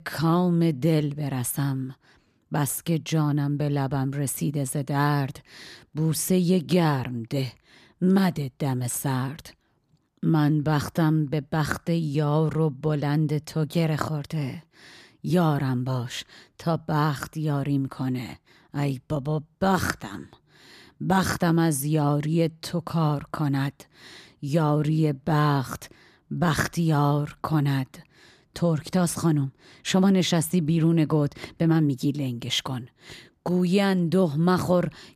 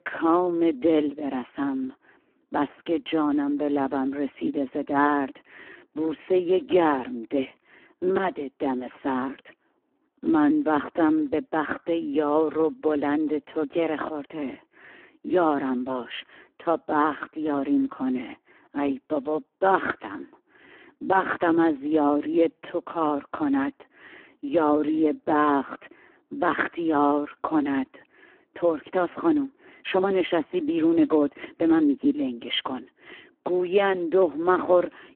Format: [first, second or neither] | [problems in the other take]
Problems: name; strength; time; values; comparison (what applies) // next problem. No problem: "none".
first | phone-call audio; poor line